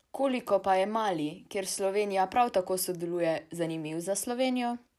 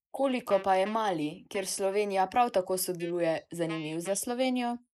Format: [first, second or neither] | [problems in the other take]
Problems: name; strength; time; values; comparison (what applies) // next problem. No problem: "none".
first | noise reduction (neural mask model Resemble Enhance denoiser)